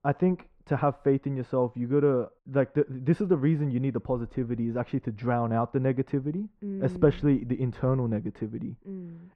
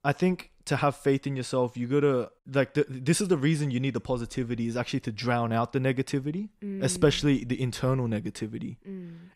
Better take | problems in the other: second | muffled; very; fading above 3.5 kHz

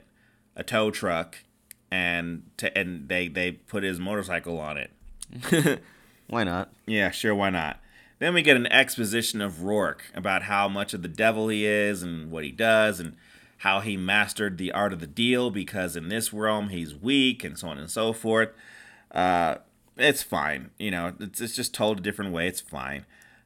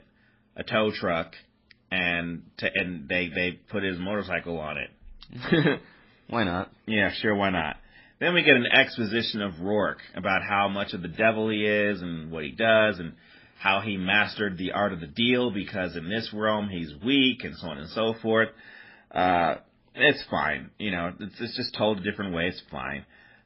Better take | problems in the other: first | garbled, watery; badly; nothing above 5.5 kHz

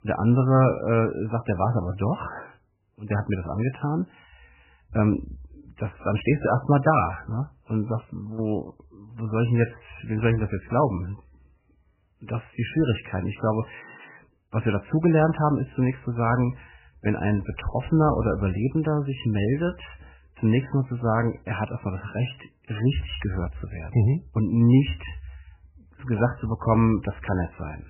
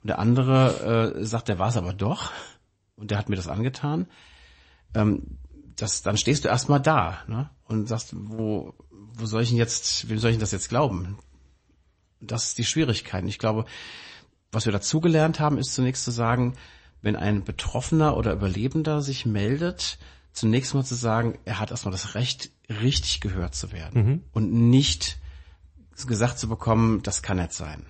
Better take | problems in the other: second | garbled, watery; badly; nothing above 3 kHz; slightly in the second

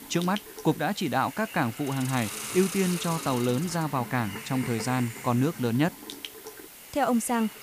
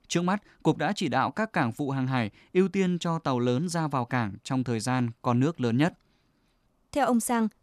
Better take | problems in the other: second | hiss; loud; throughout; 10 dB below the speech

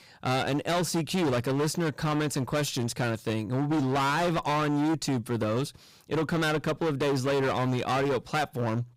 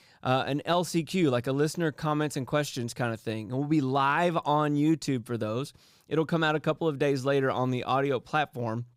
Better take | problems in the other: second | distortion; heavy; 26% of the sound clipped

